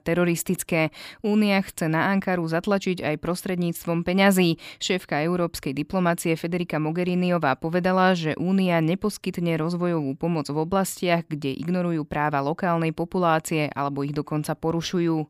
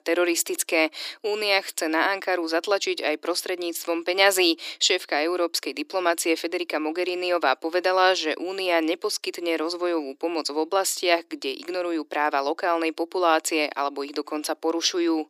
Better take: first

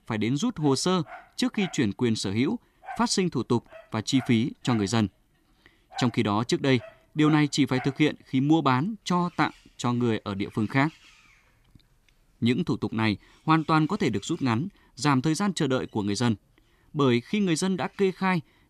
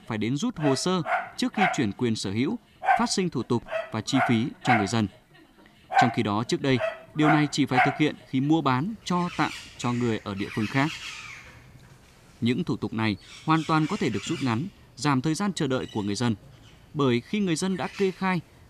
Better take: first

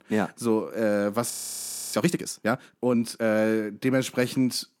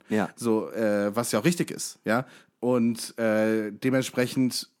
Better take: second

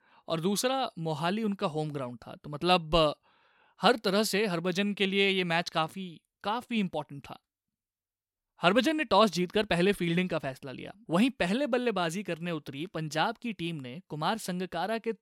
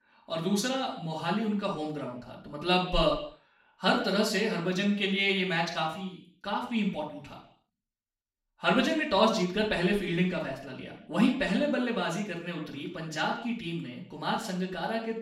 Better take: first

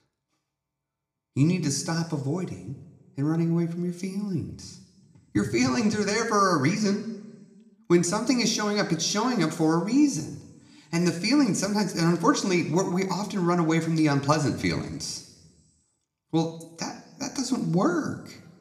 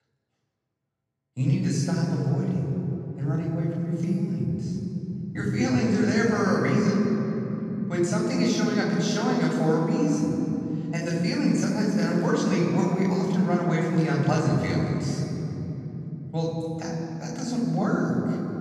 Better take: first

